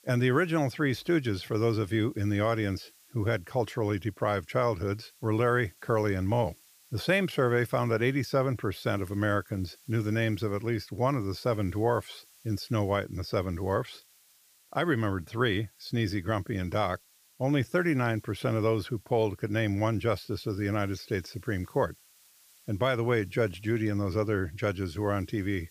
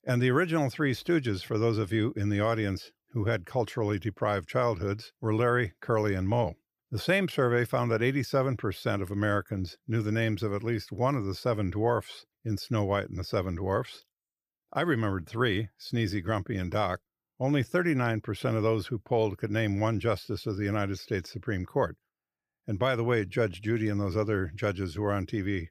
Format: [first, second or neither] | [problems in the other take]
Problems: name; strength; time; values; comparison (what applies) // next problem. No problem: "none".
second | hiss; faint; throughout; 30 dB below the speech